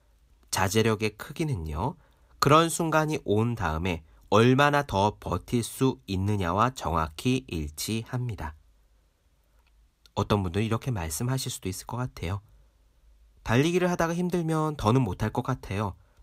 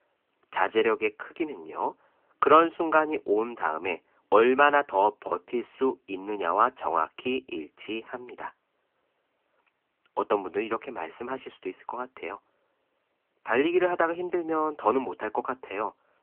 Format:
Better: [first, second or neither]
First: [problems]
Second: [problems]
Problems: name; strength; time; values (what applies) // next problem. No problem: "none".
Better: first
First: none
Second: phone-call audio; nothing above 3 kHz